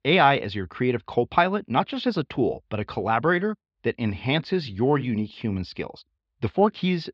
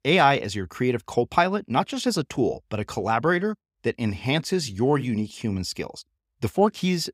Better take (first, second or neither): second